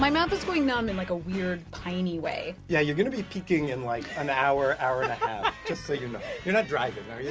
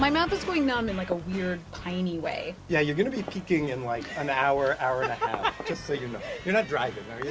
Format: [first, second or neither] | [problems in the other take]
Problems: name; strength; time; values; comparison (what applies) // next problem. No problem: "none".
first | background sound (Fireworks); 18 dB below the speech